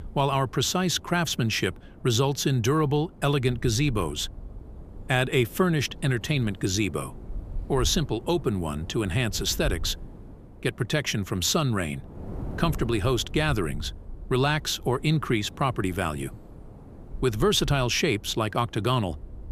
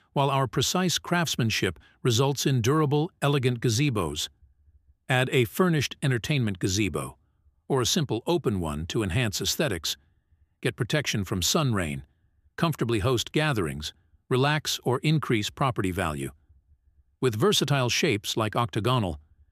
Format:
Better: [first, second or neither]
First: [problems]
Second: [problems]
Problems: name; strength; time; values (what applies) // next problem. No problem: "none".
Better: second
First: wind noise on the microphone; occasional gusts; 25 dB below the speech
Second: none